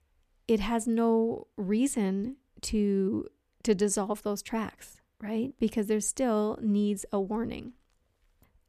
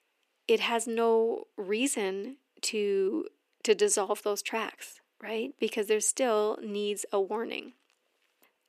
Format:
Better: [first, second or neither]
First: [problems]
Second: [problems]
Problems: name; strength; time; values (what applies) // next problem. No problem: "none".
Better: first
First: none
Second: thin; somewhat; fading below 350 Hz